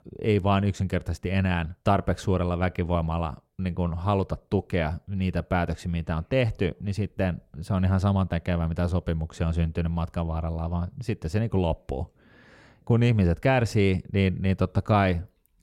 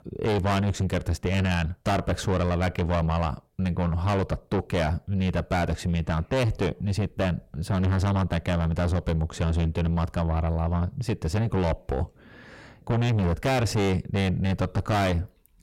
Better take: first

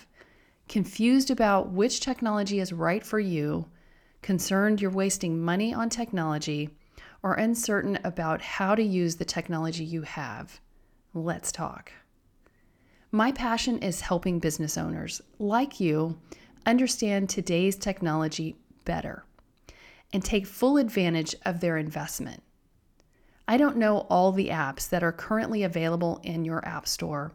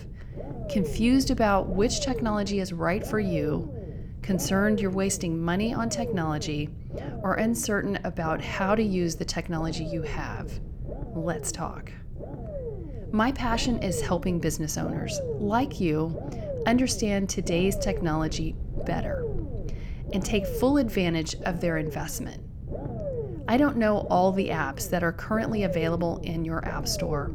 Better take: first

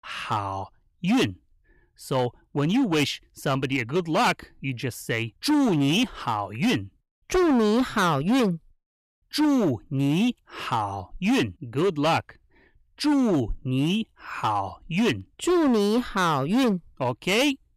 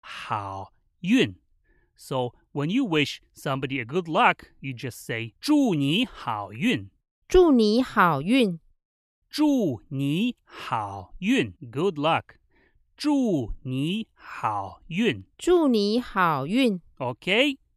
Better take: second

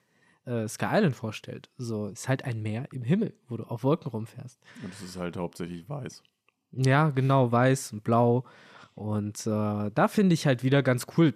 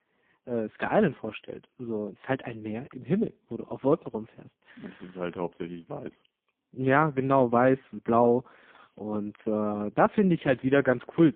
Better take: first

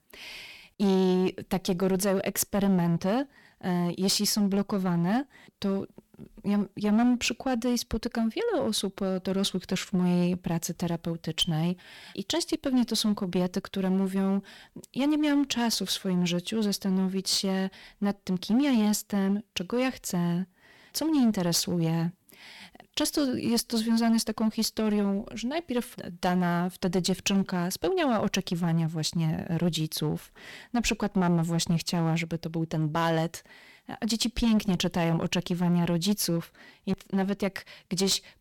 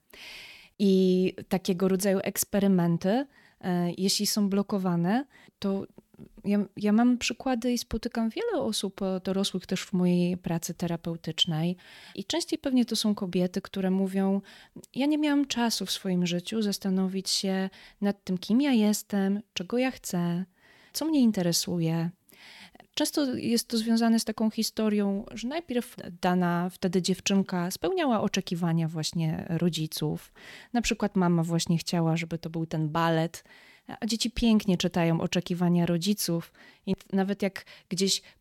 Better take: second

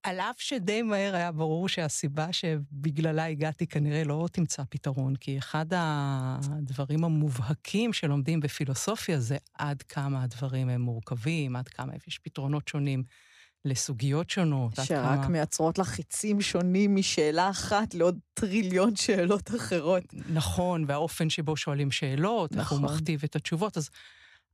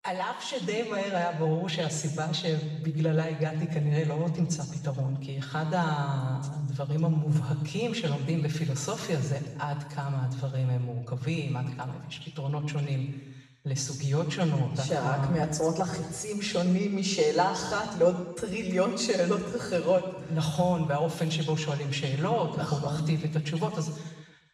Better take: first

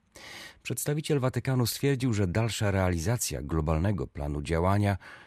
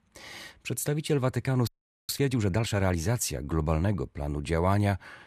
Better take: first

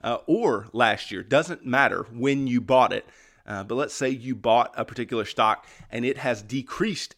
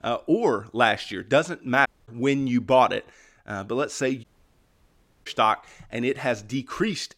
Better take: first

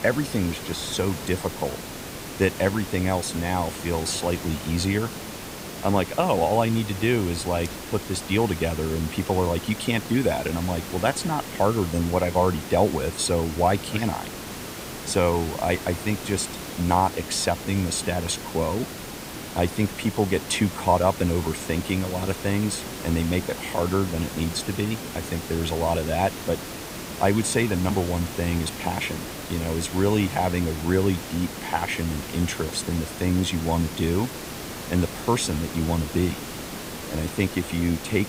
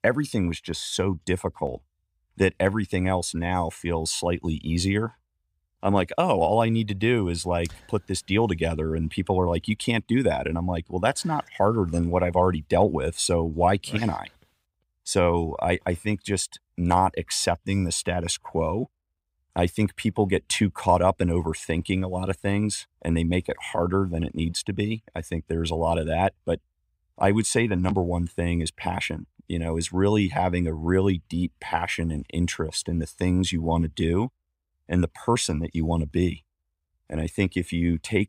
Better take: second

